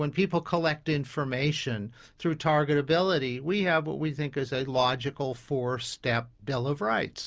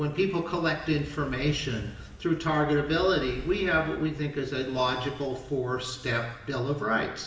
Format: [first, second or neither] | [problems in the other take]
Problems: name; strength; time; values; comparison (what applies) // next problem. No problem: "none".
first | background sound (Fire); 17 dB below the speech // room echo; dies away in 1 s